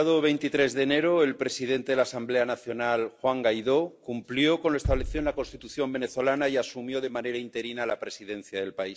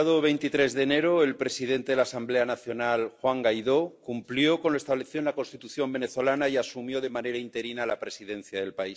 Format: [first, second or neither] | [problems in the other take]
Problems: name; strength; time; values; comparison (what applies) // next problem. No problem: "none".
second | background sound (Bass drum); 11 dB below the speech